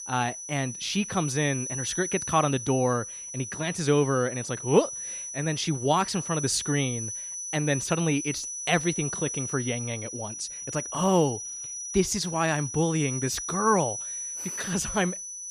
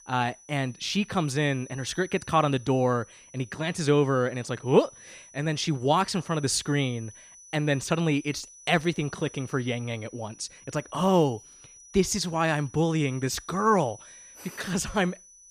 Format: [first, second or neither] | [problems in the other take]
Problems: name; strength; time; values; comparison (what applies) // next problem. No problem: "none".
second | high-pitched whine; loud; throughout; 6 kHz, 6 dB below the speech; faint in the second